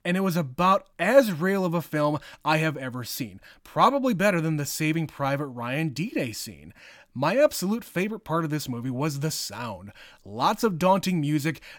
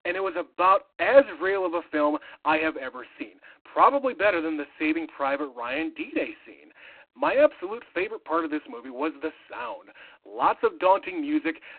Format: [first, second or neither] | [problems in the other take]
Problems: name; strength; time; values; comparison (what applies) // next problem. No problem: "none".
first | phone-call audio; poor line; nothing above 4 kHz